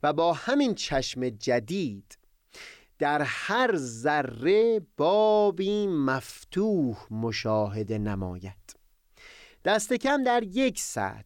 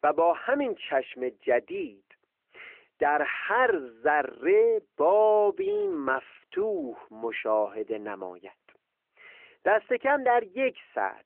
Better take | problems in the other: first | phone-call audio

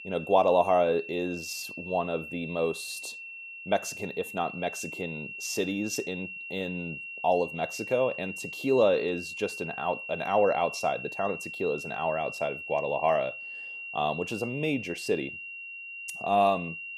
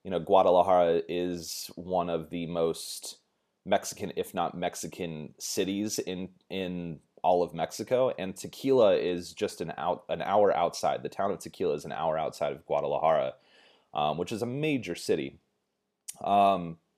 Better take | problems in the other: second | high-pitched whine; loud; throughout; 2.5 kHz, 8 dB below the speech

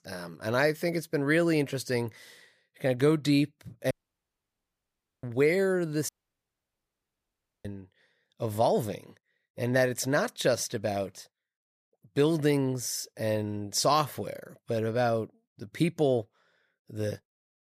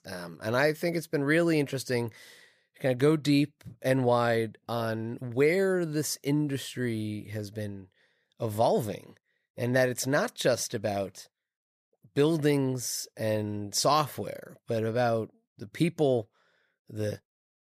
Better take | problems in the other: second | audio cutting out; at 4 s for 1.5 s and at 6 s for 1.5 s

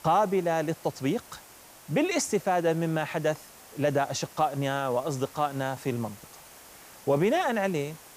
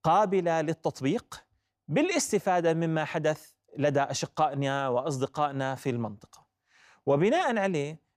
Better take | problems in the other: second | hiss; noticeable; throughout; 20 dB below the speech

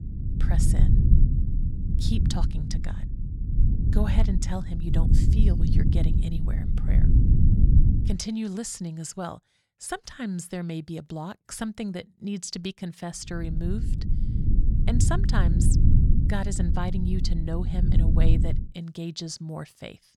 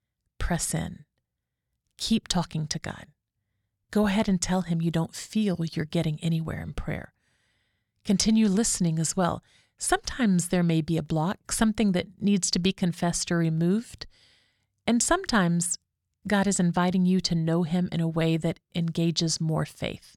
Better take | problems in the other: second | low rumble; loud; until 8 s and from 13 to 19 s; 2 dB below the speech

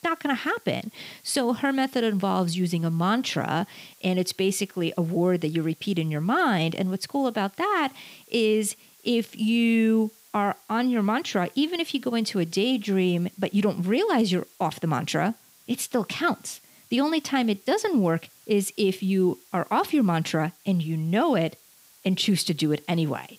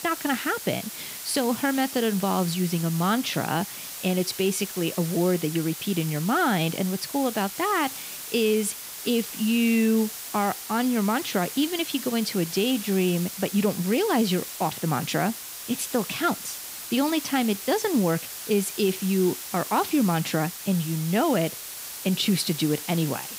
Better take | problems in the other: first | hiss; loud; throughout; 9 dB below the speech; faint in the first

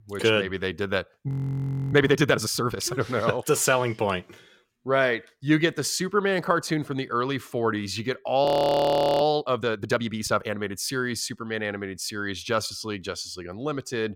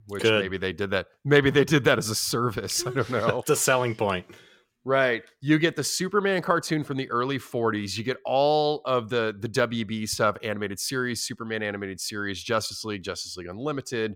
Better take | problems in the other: second | audio freezing; at 1.5 s for 0.5 s and at 8.5 s for 1 s

